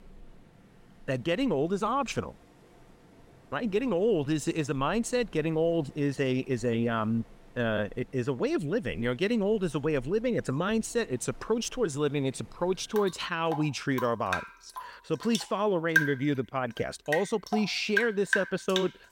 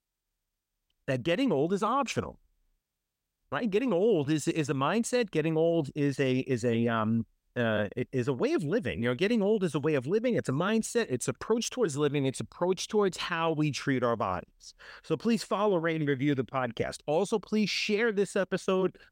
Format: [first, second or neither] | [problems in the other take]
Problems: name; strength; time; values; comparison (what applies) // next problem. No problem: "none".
second | rain or running water; loud; throughout; 4 dB below the speech